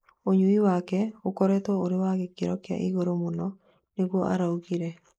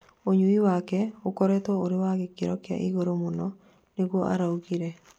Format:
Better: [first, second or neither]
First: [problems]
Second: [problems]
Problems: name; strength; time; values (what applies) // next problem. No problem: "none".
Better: second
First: noise reduction (neural mask model Resemble Enhance denoiser)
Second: none